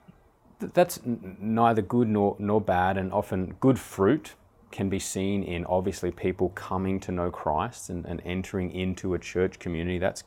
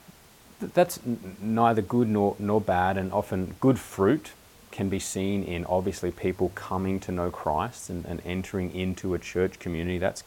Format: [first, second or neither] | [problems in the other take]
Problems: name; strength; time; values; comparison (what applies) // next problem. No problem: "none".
first | hiss; faint; throughout; 25 dB below the speech